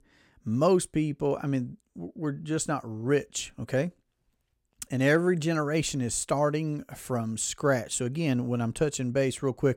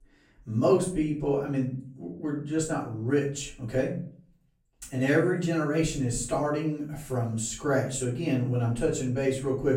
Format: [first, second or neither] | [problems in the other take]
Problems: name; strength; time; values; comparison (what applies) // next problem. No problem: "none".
first | off-mic speech; far // room echo; slight; dies away in 0.4 s